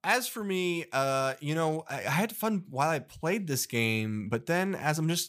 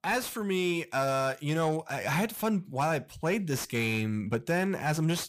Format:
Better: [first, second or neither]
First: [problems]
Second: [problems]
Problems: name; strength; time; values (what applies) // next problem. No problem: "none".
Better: first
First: none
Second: distortion; slight; 10 dB below the speech